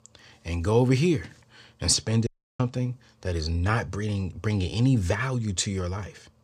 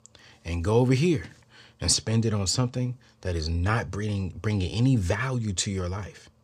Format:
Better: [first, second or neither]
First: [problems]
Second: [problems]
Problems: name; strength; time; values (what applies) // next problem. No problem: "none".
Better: second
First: audio cutting out; at 2.5 s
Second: none